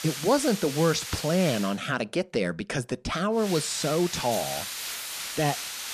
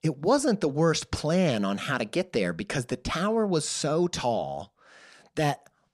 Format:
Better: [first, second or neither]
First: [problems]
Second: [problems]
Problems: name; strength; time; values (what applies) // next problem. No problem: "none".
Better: second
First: hiss; loud; until 1.5 s and from 3.5 s on; 7 dB below the speech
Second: none